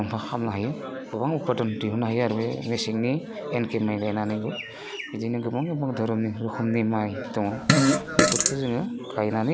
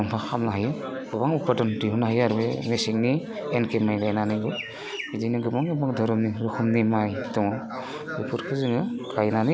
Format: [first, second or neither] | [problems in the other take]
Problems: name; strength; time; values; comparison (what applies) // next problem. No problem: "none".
second | background sound (Fart); 4 dB above the speech